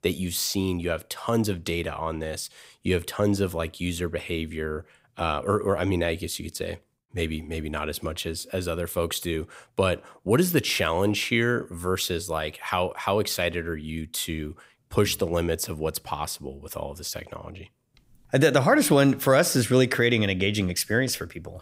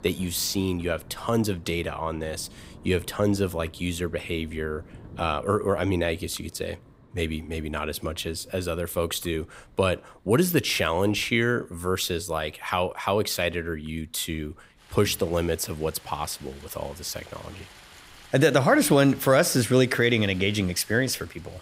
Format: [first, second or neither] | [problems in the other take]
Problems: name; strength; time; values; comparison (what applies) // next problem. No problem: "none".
first | rain or running water; faint; throughout; 25 dB below the speech